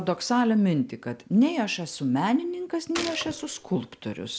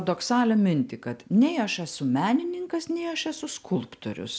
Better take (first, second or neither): second